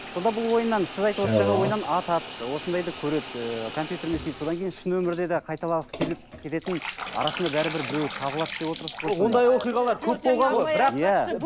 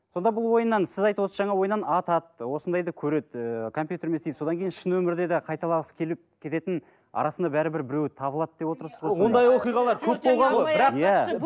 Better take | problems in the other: second | background sound (Bathtub (filling or washing) / Water tap, faucet); 9 dB below the speech

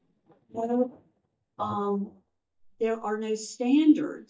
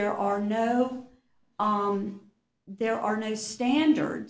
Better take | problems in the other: second | noise reduction (neural mask model DeepFilterNet 3)

